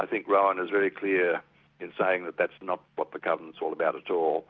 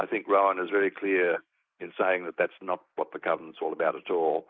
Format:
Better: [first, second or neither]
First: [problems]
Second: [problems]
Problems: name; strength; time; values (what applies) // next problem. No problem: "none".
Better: first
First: none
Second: noise reduction (neural mask model Resemble Enhance denoiser)